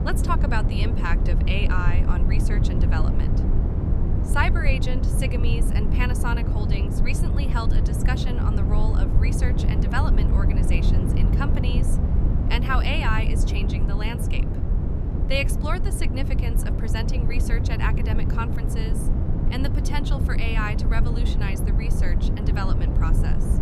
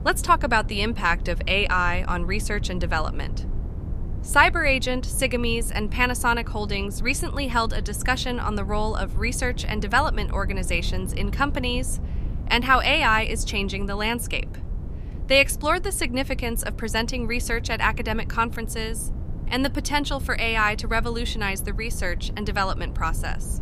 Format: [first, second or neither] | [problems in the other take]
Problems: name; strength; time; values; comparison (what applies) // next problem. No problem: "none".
second | low rumble; loud; throughout; 5 dB below the speech; faint in the second